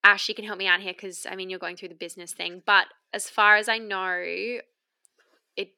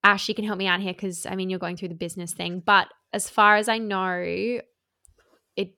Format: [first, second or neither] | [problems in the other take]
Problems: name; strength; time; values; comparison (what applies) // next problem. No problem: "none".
second | thin; somewhat; fading below 250 Hz